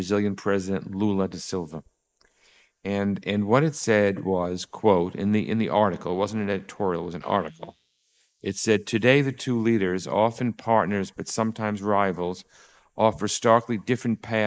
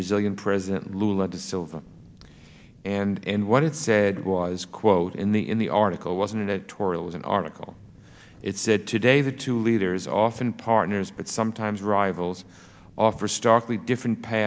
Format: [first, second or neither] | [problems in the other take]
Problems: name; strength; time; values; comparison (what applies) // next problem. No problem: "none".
second | noise reduction (neural mask model Resemble Enhance denoiser)